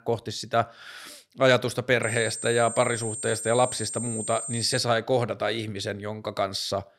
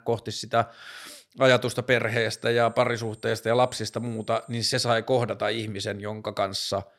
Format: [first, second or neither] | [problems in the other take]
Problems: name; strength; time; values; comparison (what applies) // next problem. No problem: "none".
second | high-pitched whine; loud; from 2 to 5 s; 8.5 kHz, 6 dB below the speech; faint in the second